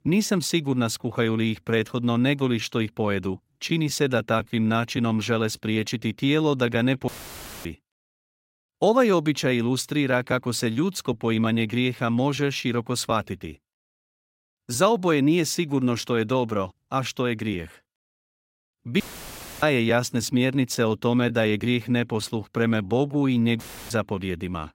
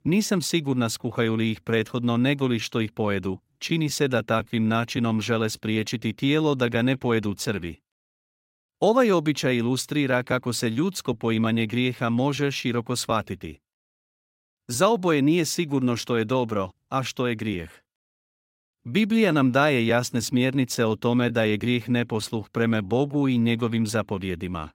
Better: second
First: audio cutting out; filled with static; at 7 s for 0.5 s, at 19 s for 0.5 s and at 24 s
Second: none

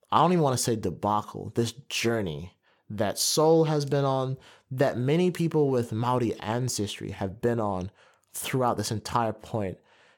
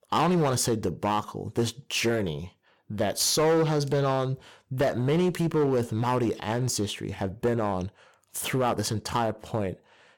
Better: first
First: none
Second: distortion; slight; 7% of the sound clipped

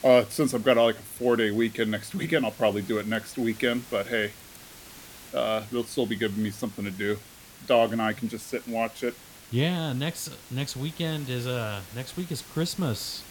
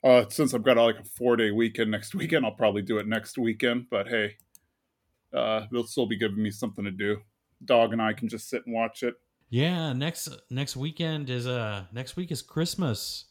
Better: second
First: hiss; noticeable; throughout; 20 dB below the speech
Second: none

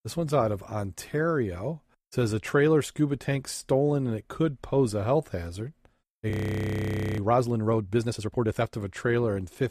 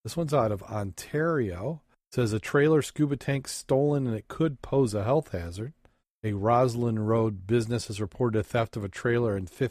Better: second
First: audio freezing; at 6.5 s for 1 s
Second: none

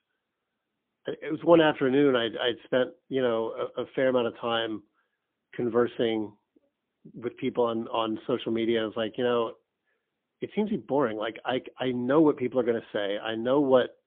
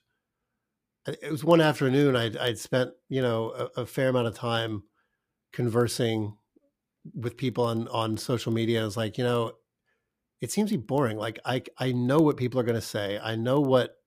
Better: second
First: phone-call audio; poor line; nothing above 3.5 kHz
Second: none

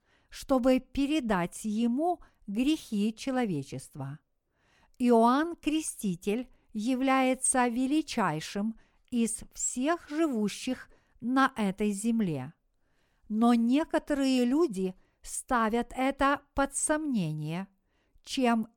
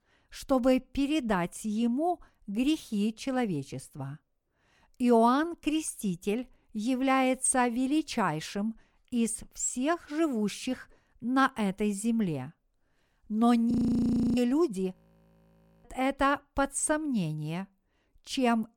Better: first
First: none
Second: audio freezing; at 14 s for 0.5 s and at 15 s for 1 s

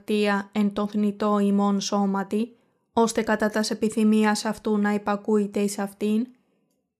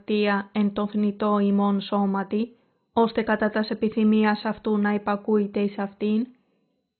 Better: first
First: none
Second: garbled, watery; badly; nothing above 4 kHz

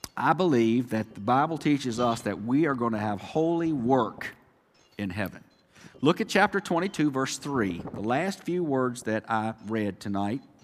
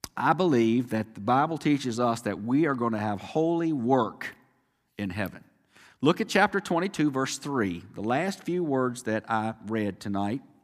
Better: second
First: wind noise on the microphone; occasional gusts; 25 dB below the speech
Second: none

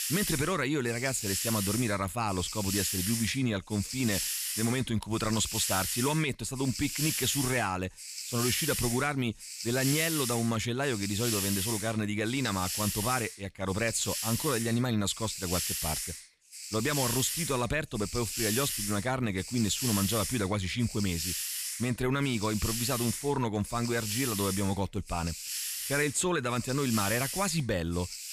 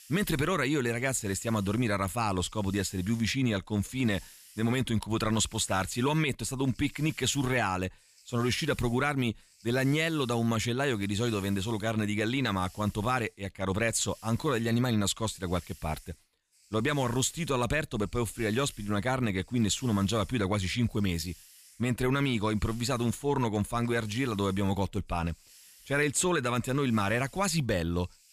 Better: second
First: hiss; loud; throughout; 3 dB below the speech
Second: hiss; faint; throughout; 25 dB below the speech

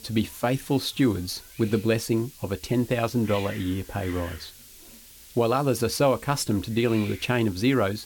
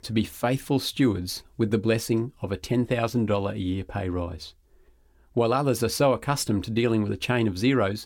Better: second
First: hiss; noticeable; throughout; 20 dB below the speech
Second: none

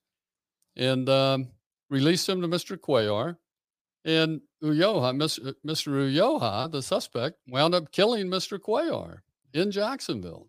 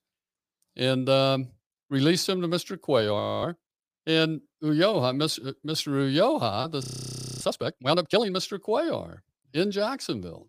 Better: first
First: none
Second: audio freezing; at 3 s and at 7 s for 0.5 s

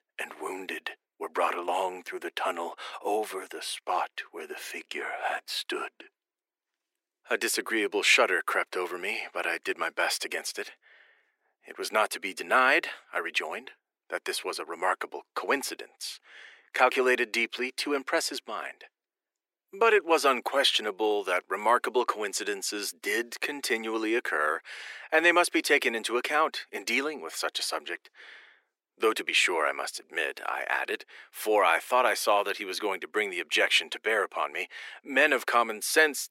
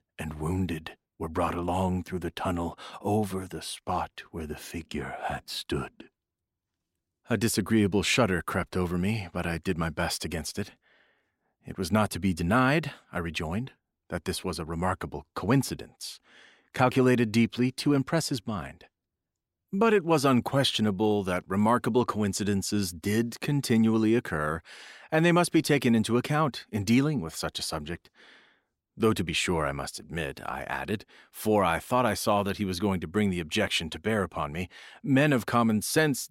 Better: second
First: thin; very; fading below 350 Hz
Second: none

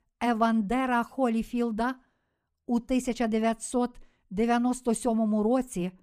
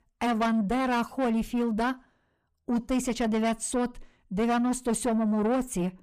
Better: first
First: none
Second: distortion; slight; 10 dB below the speech

